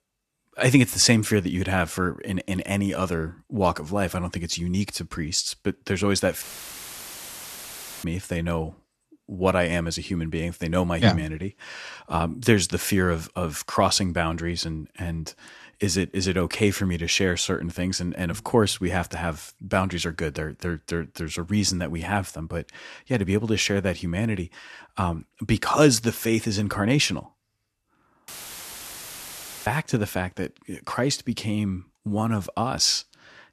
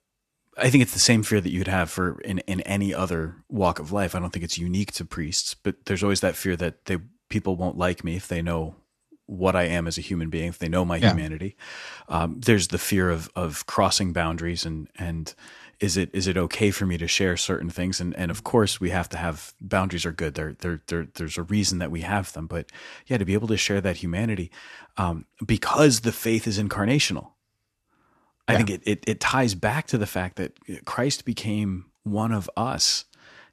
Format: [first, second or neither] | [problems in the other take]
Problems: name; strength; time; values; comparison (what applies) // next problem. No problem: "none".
second | audio cutting out; filled with static; at 6.5 s for 1.5 s and at 28 s for 1.5 s